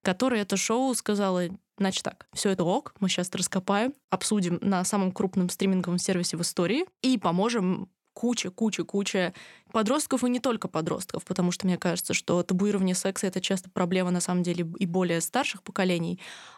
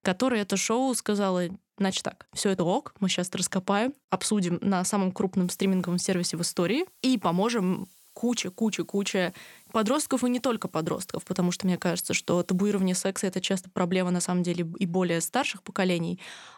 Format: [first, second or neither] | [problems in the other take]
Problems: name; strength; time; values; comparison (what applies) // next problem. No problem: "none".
first | hiss; faint; from 5.5 to 13 s; 30 dB below the speech